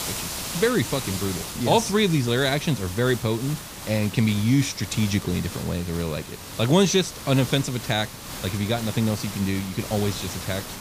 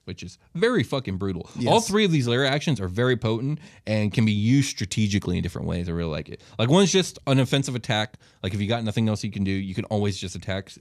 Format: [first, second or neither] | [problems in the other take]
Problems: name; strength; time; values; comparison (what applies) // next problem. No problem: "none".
second | hiss; loud; throughout; 9 dB below the speech